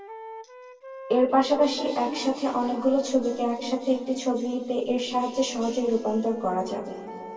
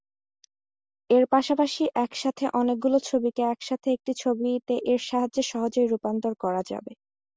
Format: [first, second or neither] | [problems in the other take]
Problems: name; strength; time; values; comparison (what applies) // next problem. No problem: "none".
second | background sound (Wind instrument, woodwind instrument); 18 dB below the speech // room echo; dies away in 2.3 s